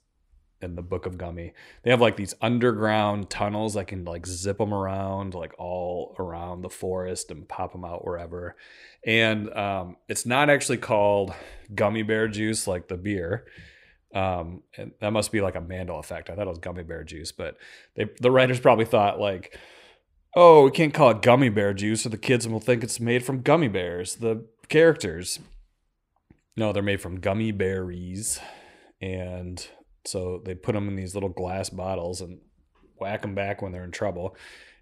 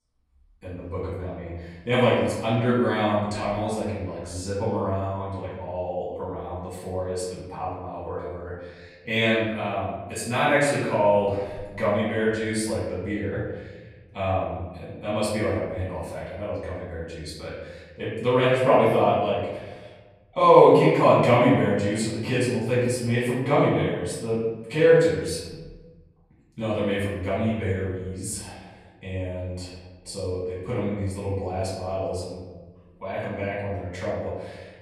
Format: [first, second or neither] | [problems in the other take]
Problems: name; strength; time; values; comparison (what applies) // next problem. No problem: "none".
first | room echo; noticeable; dies away in 1.1 s // off-mic speech; far